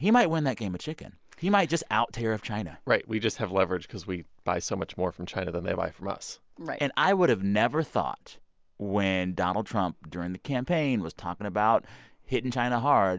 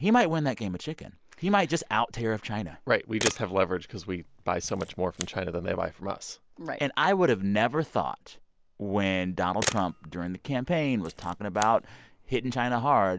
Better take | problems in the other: first | background sound (Camera); 11 dB below the speech

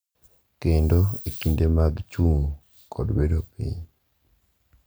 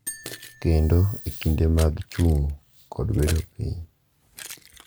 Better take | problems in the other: first | background sound (Keys jangling + Marimba, xylophone); 17 dB below the speech

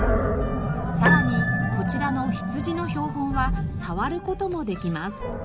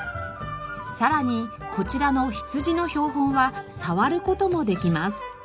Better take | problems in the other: second | background sound (Piano + Animal); 4 dB above the speech

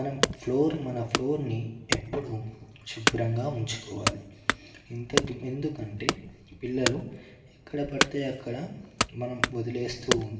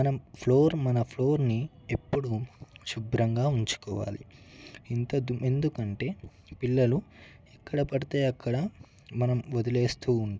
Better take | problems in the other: second | background sound (Wood / Domestic sounds, home sounds); 1 dB below the speech // room echo; dies away in 1 s

